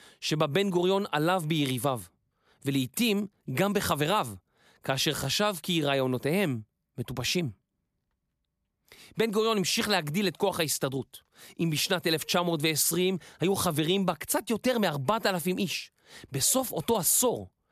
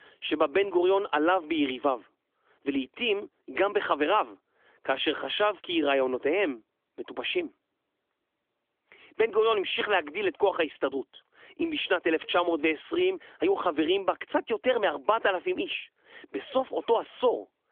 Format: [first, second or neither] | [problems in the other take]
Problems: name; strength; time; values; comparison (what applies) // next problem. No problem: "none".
first | phone-call audio; nothing above 3.5 kHz